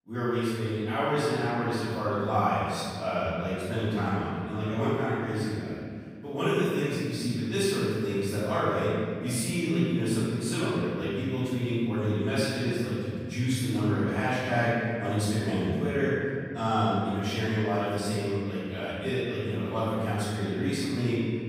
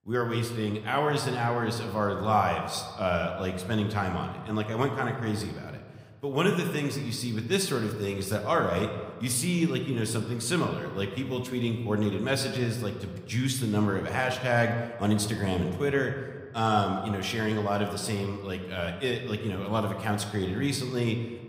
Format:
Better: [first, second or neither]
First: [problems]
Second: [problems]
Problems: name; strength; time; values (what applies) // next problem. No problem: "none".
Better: second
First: room echo; strong; dies away in 2.3 s // off-mic speech; far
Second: room echo; slight; dies away in 1.3 s